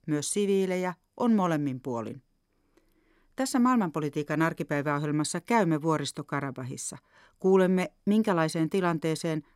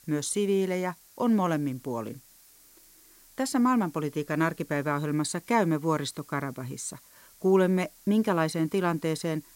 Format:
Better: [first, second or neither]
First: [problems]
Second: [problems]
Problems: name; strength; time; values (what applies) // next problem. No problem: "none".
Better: first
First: none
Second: hiss; faint; throughout; 25 dB below the speech